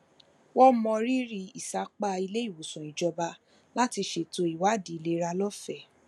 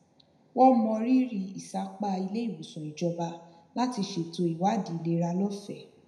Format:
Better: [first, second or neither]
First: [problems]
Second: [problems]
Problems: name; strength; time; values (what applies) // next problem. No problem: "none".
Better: first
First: none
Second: room echo; dies away in 0.8 s